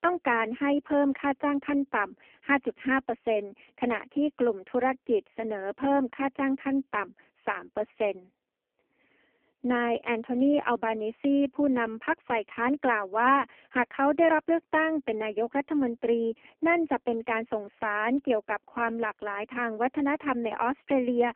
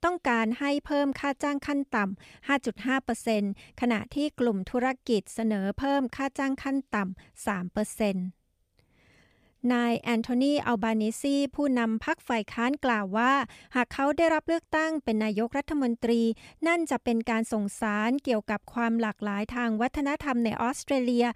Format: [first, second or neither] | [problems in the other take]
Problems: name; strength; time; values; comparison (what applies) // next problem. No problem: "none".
second | phone-call audio; poor line